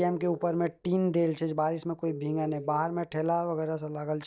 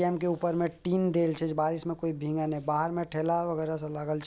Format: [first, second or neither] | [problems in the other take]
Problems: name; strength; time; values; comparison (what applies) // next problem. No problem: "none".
second | noise reduction (neural mask model DeepFilterNet 3)